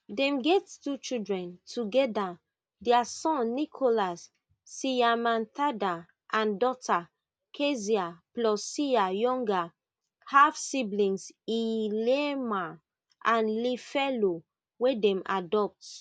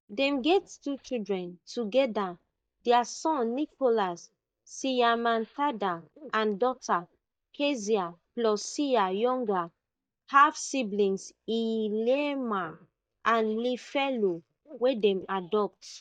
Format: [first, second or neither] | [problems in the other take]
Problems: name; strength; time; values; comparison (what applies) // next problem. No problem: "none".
first | noise reduction (neural mask model DeepFilterNet 3)